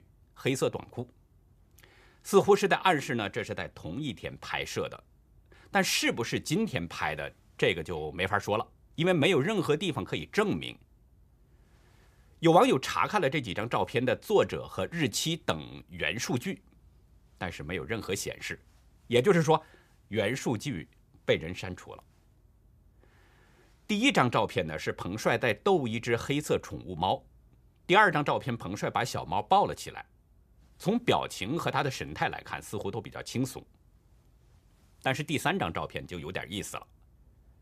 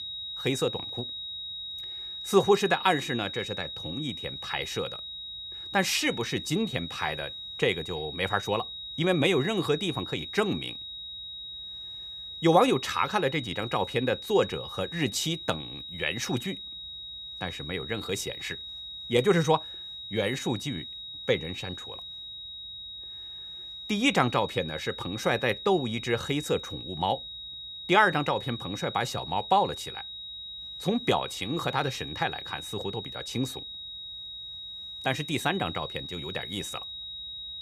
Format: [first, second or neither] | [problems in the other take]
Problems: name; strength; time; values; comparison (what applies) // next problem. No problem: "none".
first | high-pitched whine; loud; throughout; 4 kHz, 8 dB below the speech